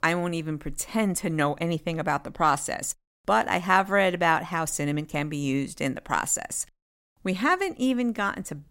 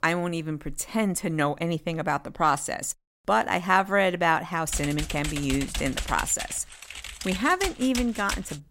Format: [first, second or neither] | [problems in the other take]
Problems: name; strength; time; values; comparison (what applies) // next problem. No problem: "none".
first | keyboard typing; noticeable; from 4.5 s on; peak 5 dB below the speech